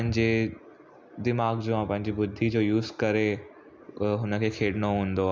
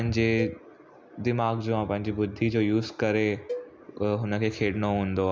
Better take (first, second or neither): first